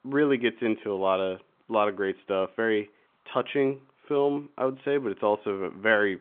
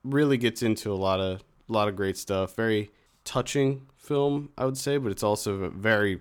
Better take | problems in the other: second | phone-call audio; nothing above 3.5 kHz

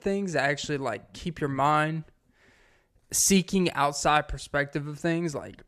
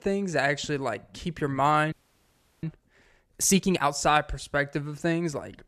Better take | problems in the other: first | audio freezing; at 2 s for 0.5 s

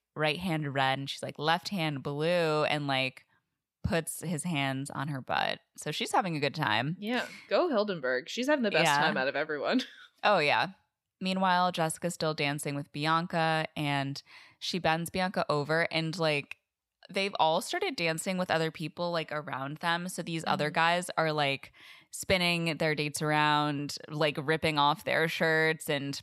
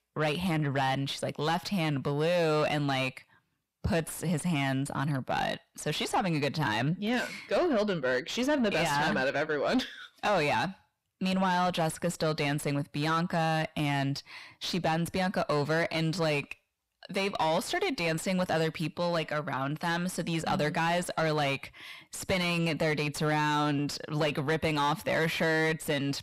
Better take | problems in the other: first | distortion; heavy; 7 dB below the speech

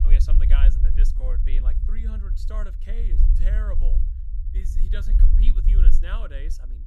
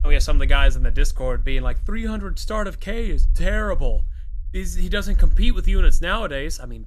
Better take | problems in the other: second | low rumble; loud; throughout; 4 dB below the speech; faint in the second

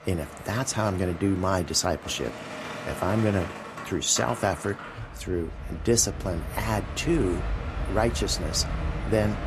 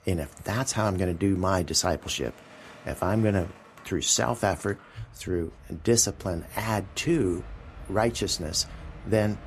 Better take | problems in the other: second | train or aircraft noise; loud; throughout; 9 dB below the speech; faint in the second

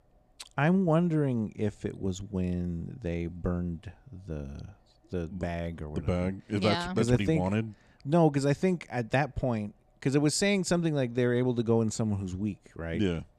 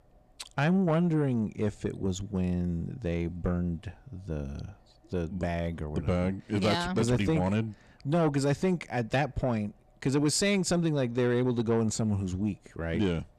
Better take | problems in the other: first | distortion; slight; 10 dB below the speech

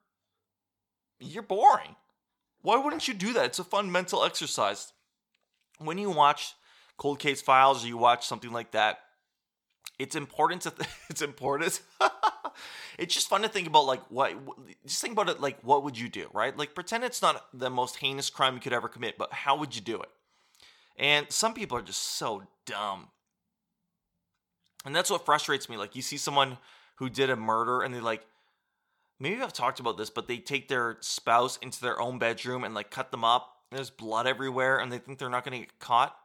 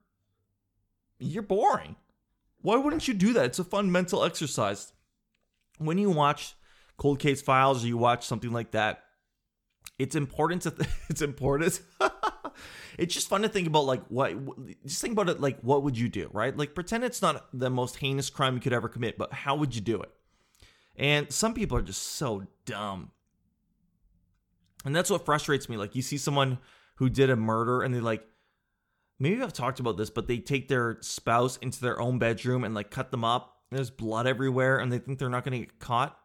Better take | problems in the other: second | thin; somewhat; fading below 550 Hz

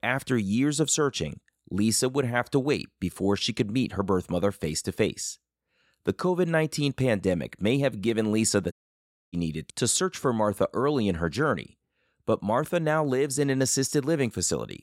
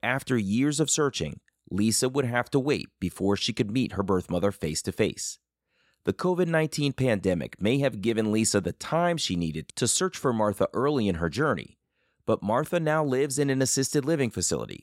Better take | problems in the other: second | audio cutting out; at 8.5 s for 0.5 s

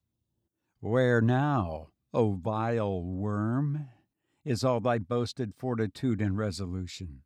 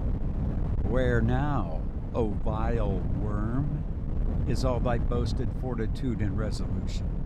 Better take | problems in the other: first | wind noise on the microphone; heavy; 9 dB below the speech

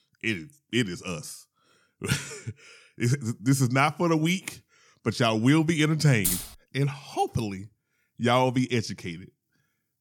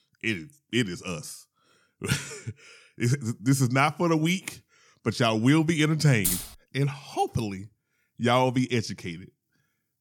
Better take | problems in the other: neither | jangling keys; noticeable; at 6 s; peak 1 dB below the speech; the same in both

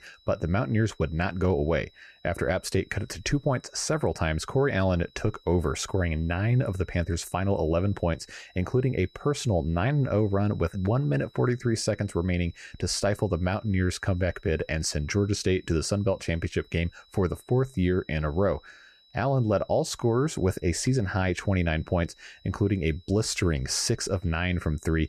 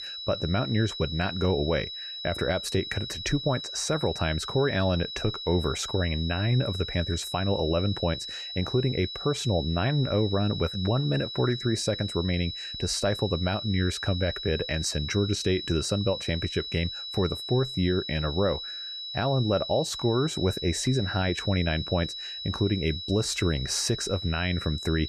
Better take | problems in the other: first | high-pitched whine; loud; throughout; 4 kHz, 6 dB below the speech; faint in the first

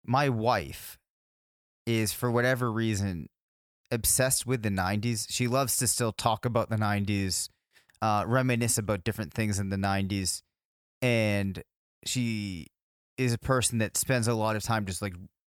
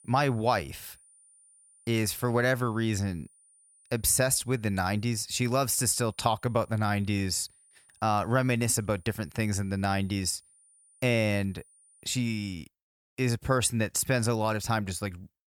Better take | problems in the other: first | high-pitched whine; faint; until 12 s; 9.5 kHz, 30 dB below the speech

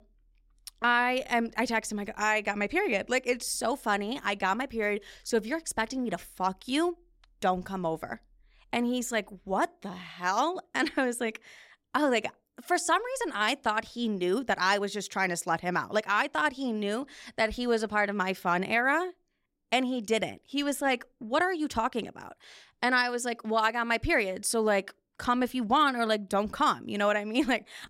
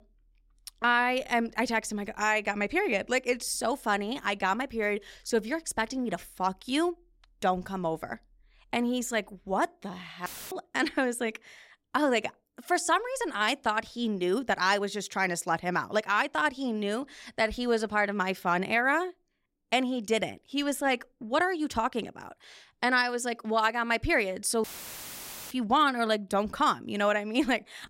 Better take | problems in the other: first | audio cutting out; filled with static; at 10 s and at 25 s for 1 s

